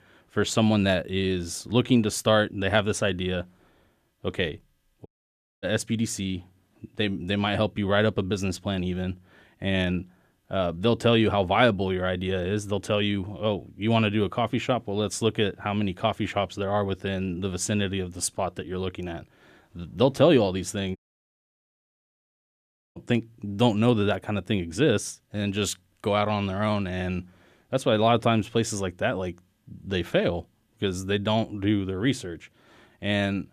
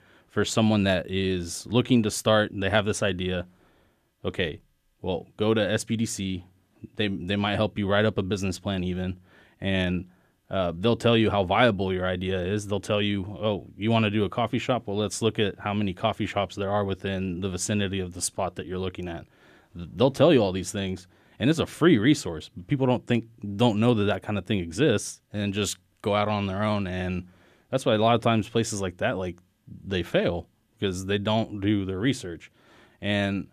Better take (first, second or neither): second